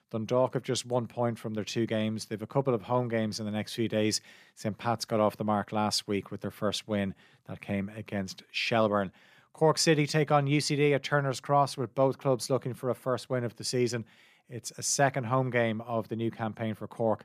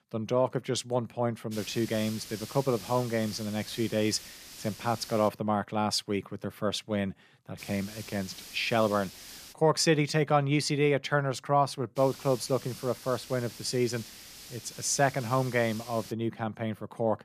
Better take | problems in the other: first | hiss; noticeable; from 1.5 to 5.5 s, from 7.5 to 9.5 s and from 12 to 16 s; 15 dB below the speech

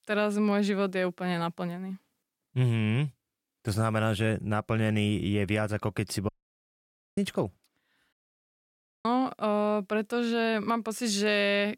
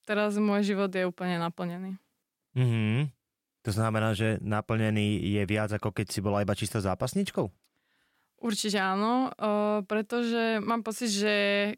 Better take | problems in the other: second | audio cutting out; at 6.5 s for 1 s and at 8 s for 1 s

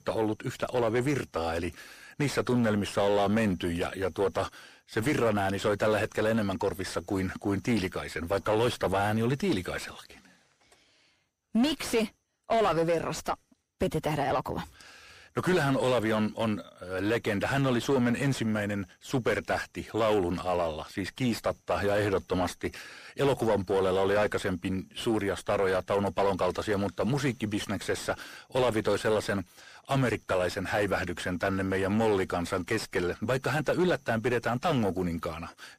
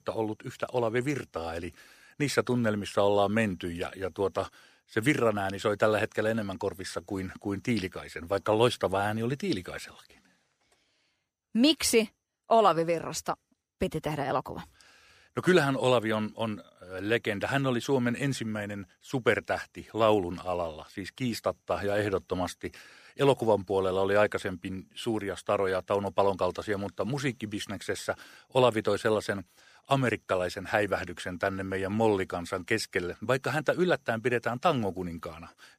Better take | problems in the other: second | distortion; heavy; 7 dB below the speech

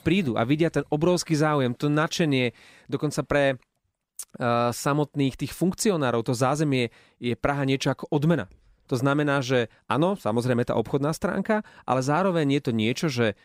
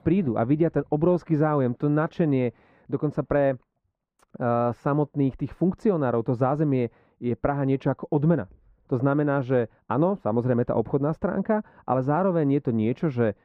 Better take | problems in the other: first | muffled; very; fading above 3 kHz

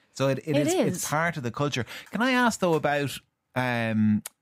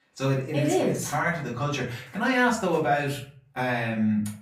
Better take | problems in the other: first | off-mic speech; far // room echo; slight; dies away in 0.4 s

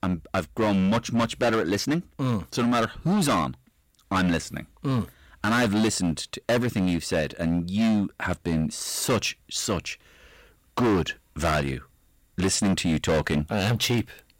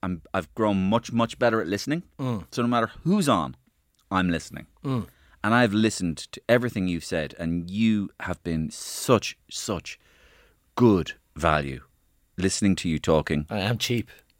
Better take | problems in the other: second | distortion; heavy; 13% of the sound clipped

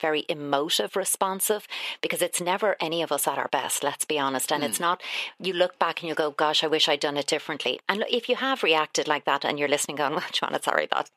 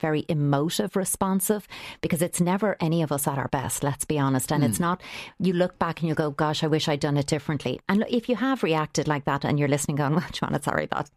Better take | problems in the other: second | thin; somewhat; fading below 500 Hz

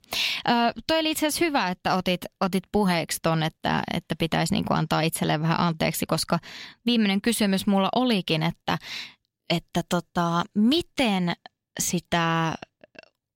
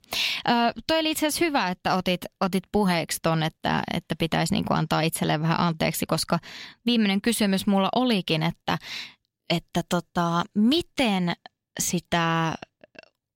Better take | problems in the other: neither | none

